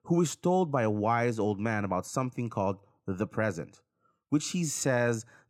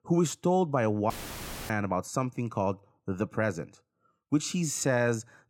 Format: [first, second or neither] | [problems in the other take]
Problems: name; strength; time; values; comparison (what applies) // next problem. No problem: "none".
first | audio cutting out; filled with static; at 1 s for 0.5 s